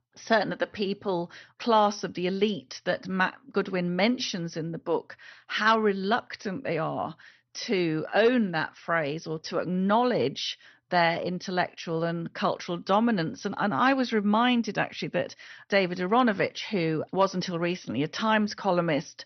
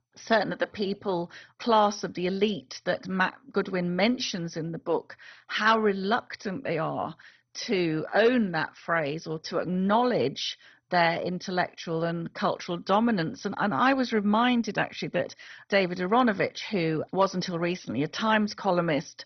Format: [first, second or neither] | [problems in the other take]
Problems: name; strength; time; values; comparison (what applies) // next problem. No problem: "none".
first | garbled, watery; badly; nothing above 6 kHz; slightly in the first